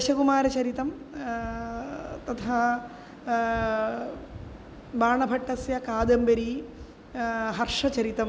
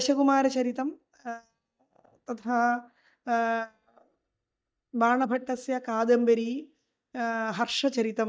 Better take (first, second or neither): first